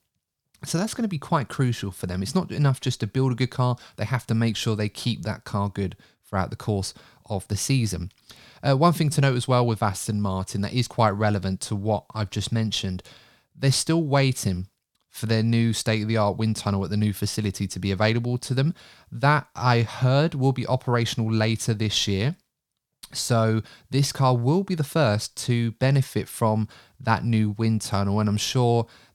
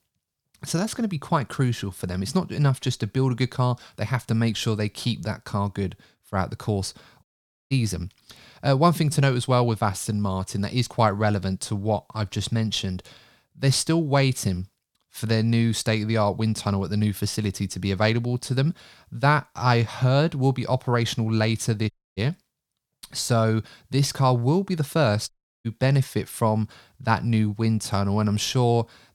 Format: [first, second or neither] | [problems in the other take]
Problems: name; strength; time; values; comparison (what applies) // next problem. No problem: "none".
first | audio cutting out; at 7 s, at 22 s and at 25 s